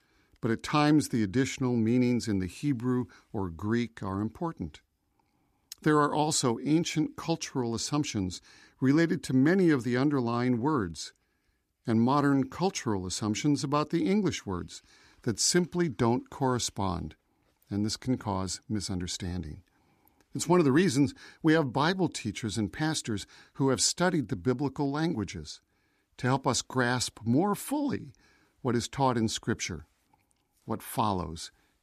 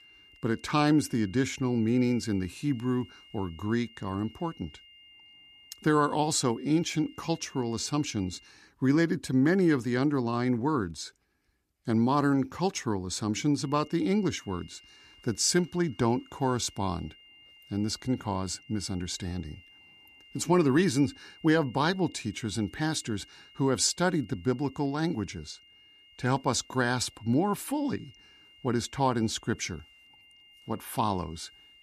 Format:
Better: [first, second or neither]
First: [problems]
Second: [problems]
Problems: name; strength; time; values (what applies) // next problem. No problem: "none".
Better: first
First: none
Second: high-pitched whine; faint; until 8.5 s and from 14 s on; 3 kHz, 25 dB below the speech